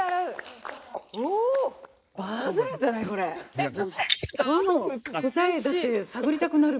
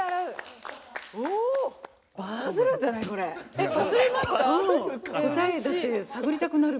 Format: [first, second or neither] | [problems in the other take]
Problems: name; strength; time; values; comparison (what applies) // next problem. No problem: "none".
second | noise reduction (neural mask model Resemble Enhance denoiser)